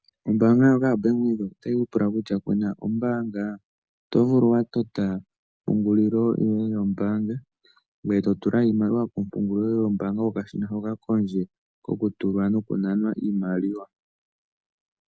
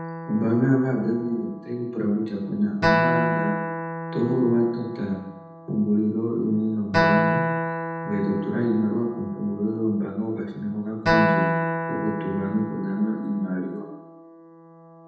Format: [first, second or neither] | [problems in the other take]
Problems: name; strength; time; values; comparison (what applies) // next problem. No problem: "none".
first | background sound (Acoustic guitar); 2 dB below the speech // room echo; dies away in 0.8 s